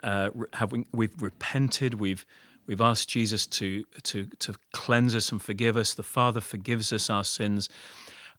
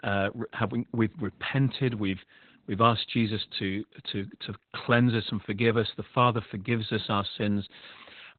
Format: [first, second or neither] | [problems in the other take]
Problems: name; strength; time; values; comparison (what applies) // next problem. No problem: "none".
first | garbled, watery; badly; nothing above 4 kHz; slightly in the first